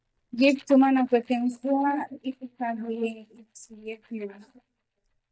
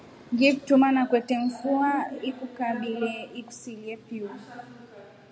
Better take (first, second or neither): second